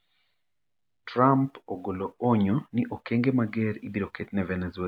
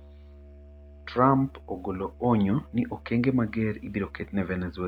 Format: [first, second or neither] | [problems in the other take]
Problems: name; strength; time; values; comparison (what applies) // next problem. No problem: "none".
first | background sound (Musical instrument); 20 dB below the speech